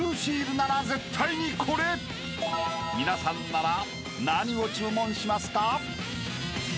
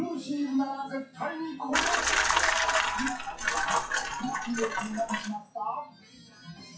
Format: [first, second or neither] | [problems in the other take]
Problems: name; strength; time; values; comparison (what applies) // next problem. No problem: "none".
first | noise reduction (classical method WPE with log-MMSE)